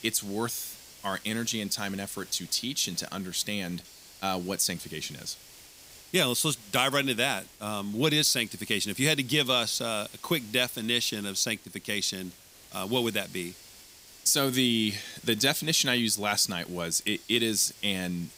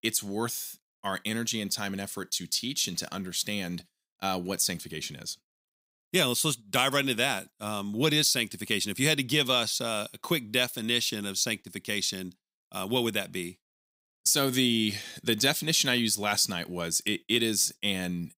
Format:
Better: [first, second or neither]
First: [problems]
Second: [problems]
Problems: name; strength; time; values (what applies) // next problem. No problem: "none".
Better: second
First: hiss; faint; throughout; 20 dB below the speech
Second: none